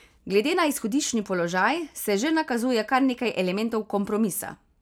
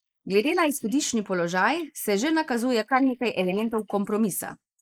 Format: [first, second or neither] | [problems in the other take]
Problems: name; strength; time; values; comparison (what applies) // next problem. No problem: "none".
first | noise reduction (neural mask model Resemble Enhance denoiser)